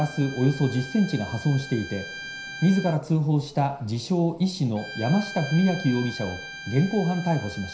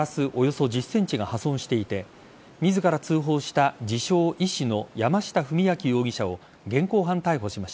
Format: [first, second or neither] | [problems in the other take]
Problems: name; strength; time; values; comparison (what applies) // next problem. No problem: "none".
second | background sound (Bowed string instrument); 14 dB below the speech // room echo; dies away in 0.5 s